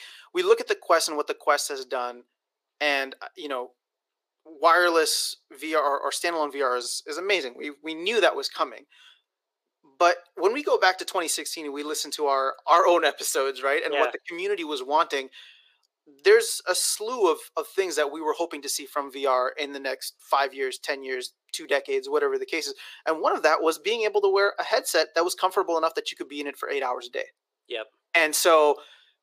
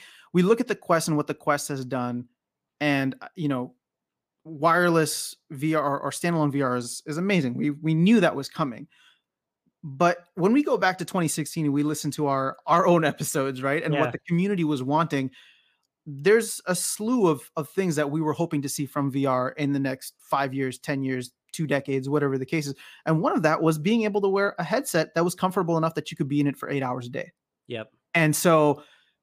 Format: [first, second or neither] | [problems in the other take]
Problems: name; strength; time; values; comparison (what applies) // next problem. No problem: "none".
second | thin; very; fading below 400 Hz